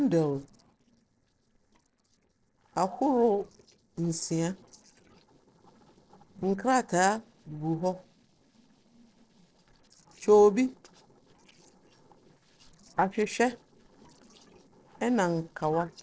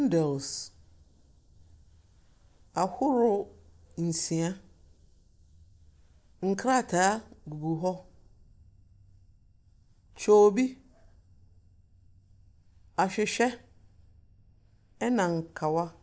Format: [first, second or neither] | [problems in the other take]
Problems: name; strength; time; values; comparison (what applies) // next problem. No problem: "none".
second | noise reduction (neural separator model SepFormer DNS4)